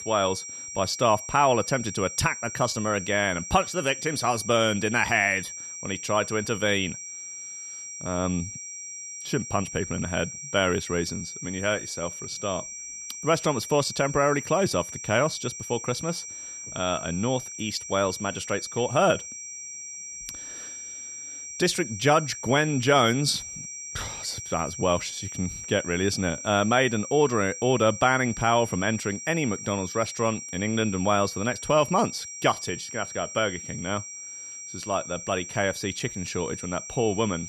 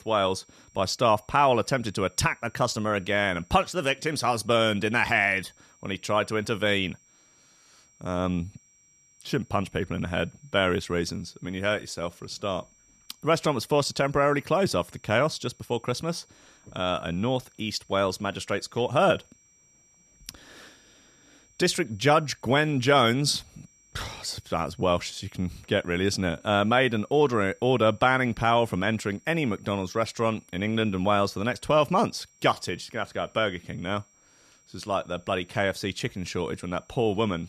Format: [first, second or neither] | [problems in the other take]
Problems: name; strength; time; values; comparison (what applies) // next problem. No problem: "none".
second | high-pitched whine; loud; throughout; 6 kHz, 9 dB below the speech; faint in the second